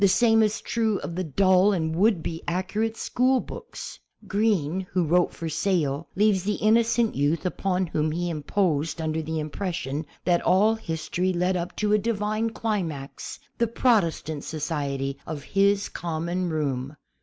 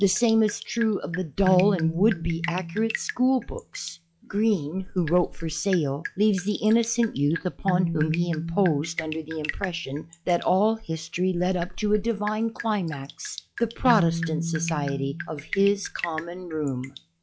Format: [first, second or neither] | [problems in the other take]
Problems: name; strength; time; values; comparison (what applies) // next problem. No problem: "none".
first | noise reduction (classical method log-MMSE)